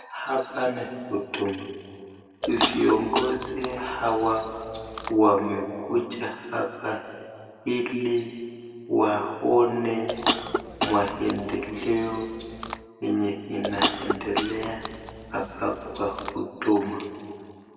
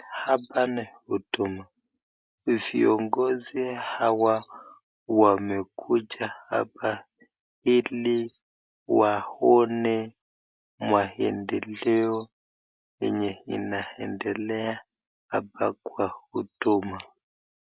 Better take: second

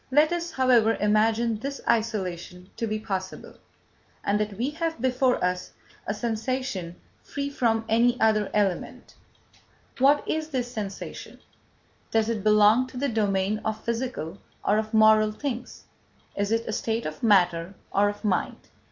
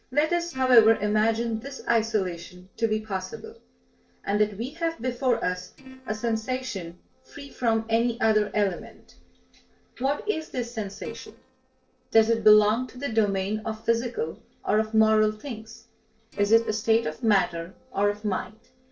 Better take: first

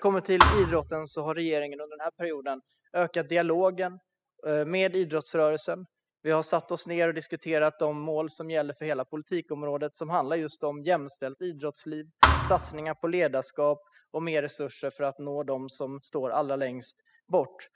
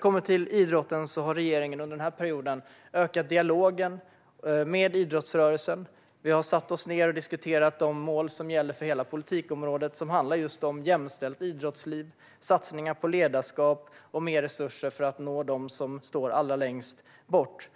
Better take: second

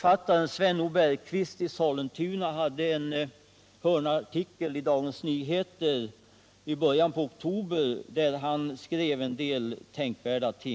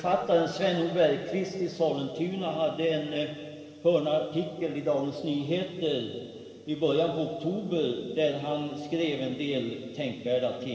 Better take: first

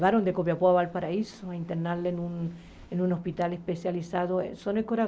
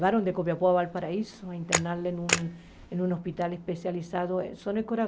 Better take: first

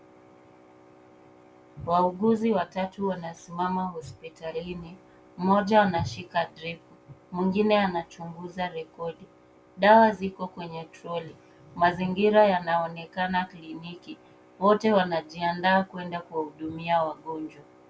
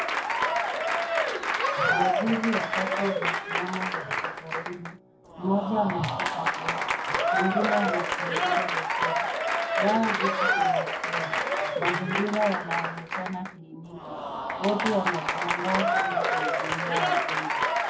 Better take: first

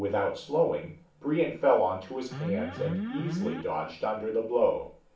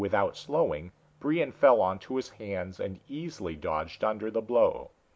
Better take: second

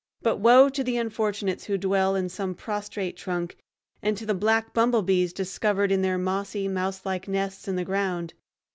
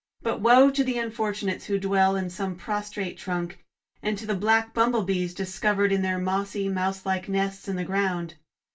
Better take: first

